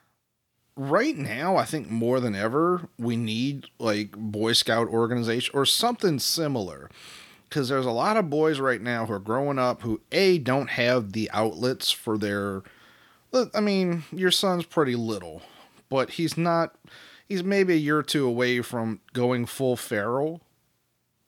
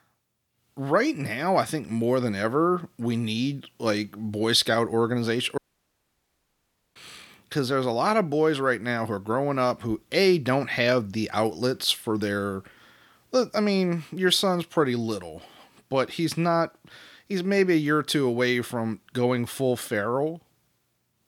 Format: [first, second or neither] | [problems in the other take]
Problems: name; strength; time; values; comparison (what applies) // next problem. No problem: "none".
first | audio cutting out; at 5.5 s for 1.5 s